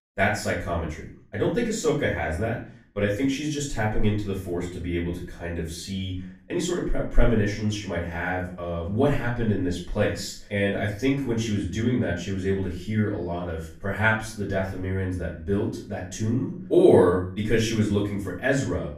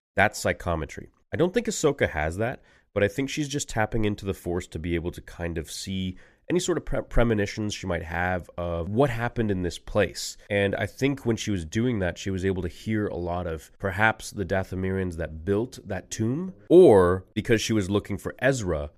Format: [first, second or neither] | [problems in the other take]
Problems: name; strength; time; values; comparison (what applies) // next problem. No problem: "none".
second | room echo; slight; dies away in 0.4 s // off-mic speech; far